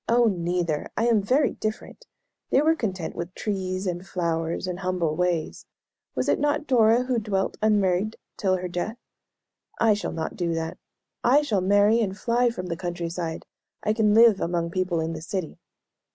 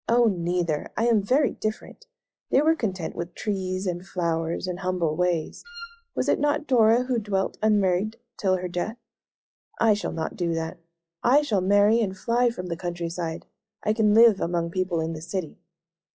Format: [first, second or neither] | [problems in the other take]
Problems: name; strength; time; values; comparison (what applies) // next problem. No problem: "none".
first | noise reduction (classical method log-MMSE)